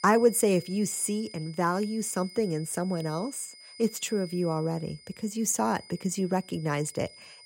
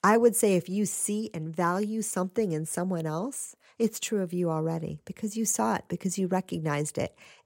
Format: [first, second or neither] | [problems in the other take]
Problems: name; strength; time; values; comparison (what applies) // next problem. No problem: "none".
second | high-pitched whine; noticeable; throughout; 5 kHz, 20 dB below the speech